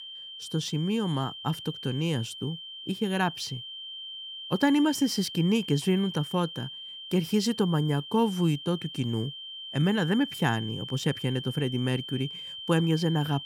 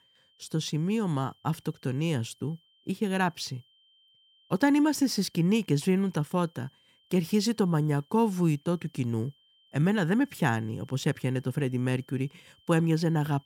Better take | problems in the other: second | high-pitched whine; loud; throughout; 3 kHz, 10 dB below the speech; faint in the second

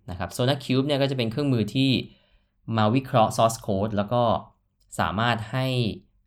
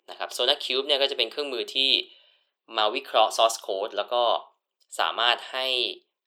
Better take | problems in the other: first | thin; very; fading below 350 Hz

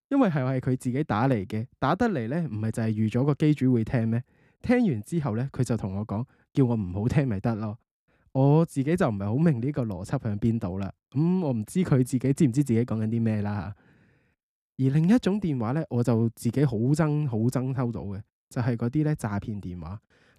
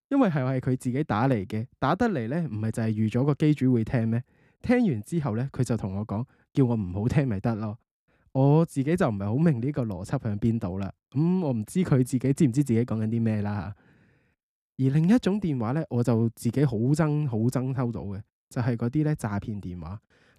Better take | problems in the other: neither | none

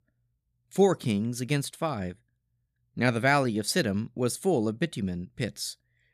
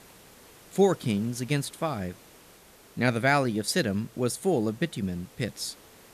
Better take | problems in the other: first | hiss; faint; throughout; 25 dB below the speech

